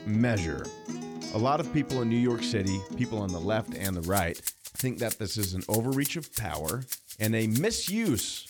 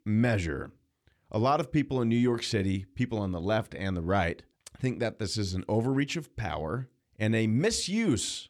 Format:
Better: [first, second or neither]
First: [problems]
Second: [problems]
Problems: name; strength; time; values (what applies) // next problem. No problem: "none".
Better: second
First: background music; loud; throughout; 7 dB below the speech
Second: none